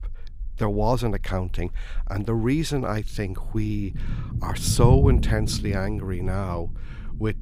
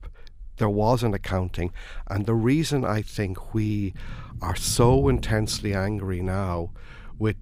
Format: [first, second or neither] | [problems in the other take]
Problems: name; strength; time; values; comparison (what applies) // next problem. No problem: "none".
second | low rumble; loud; throughout; 10 dB below the speech; faint in the second